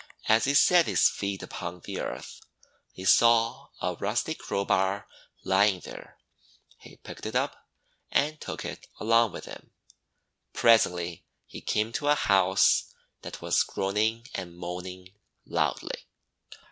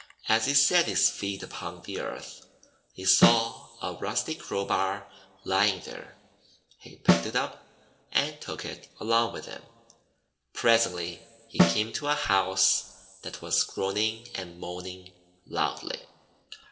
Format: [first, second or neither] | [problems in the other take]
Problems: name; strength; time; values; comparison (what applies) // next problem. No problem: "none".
first | background sound (Snare drum); 1 dB below the speech // room echo; dies away in 2.2 s